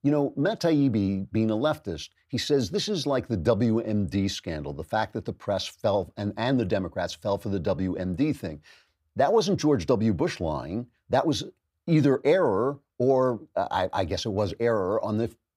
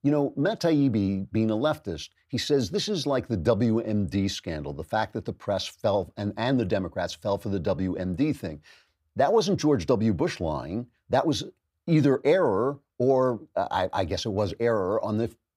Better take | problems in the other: neither | none

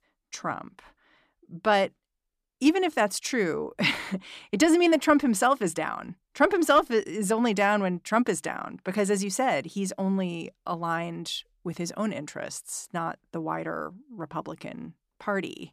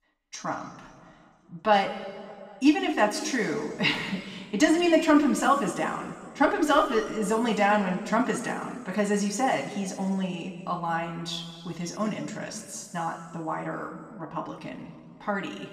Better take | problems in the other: first | room echo; noticeable; dies away in 1.9 s // off-mic speech; somewhat distant

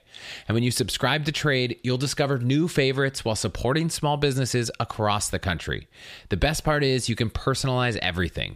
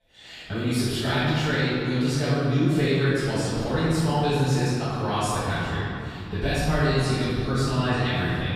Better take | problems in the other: first | room echo; strong; dies away in 2.7 s // off-mic speech; far

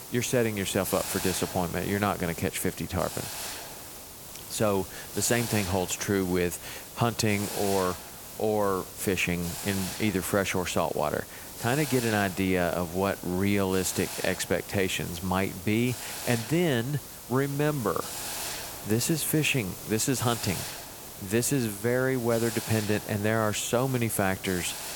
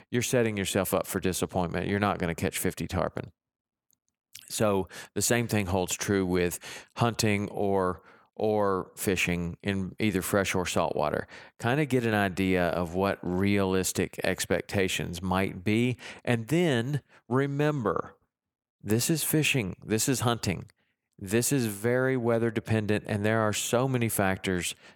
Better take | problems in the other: second | hiss; loud; throughout; 9 dB below the speech

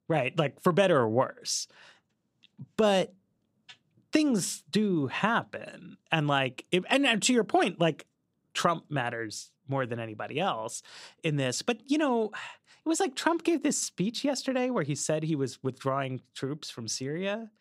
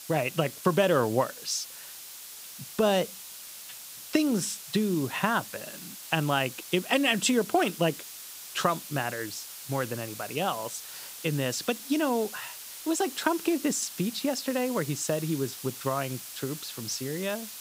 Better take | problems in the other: first | hiss; noticeable; throughout; 10 dB below the speech

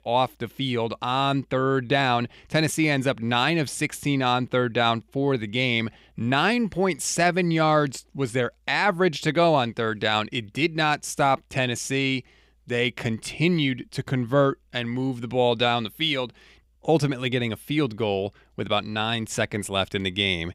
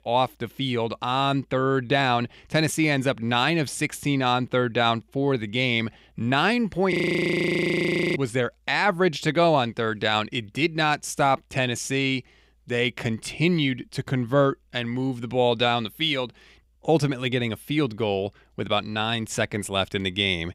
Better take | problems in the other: first | audio freezing; at 7 s for 1 s

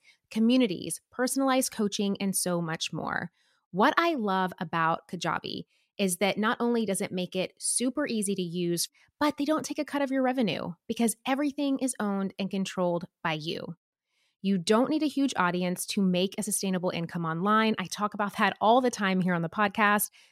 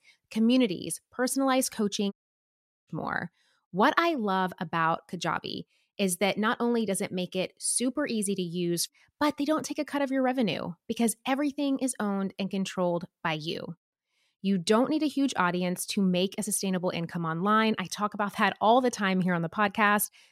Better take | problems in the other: first | audio cutting out; at 2 s for 1 s

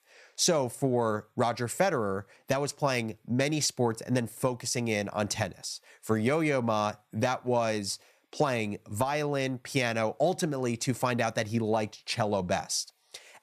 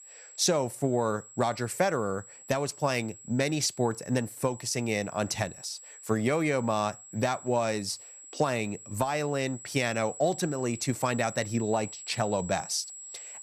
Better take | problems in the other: first | high-pitched whine; noticeable; throughout; 7.5 kHz, 15 dB below the speech

